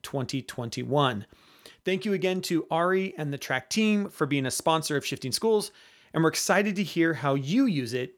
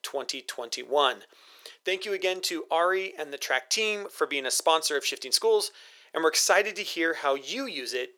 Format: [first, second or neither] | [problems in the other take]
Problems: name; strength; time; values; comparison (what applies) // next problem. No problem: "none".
first | thin; very; fading below 450 Hz